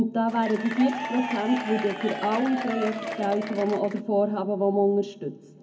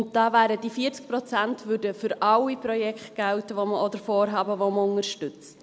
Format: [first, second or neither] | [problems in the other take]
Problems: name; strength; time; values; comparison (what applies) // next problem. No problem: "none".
second | background sound (Applause / Crowd / Cheering); 8 dB below the speech // room echo; dies away in 0.3 s